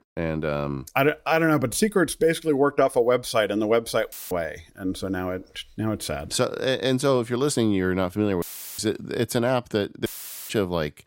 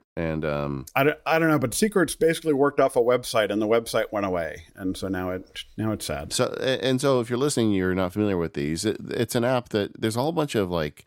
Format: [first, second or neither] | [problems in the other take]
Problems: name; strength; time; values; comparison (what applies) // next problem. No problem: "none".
second | audio cutting out; filled with static; at 4 s, at 8.5 s and at 10 s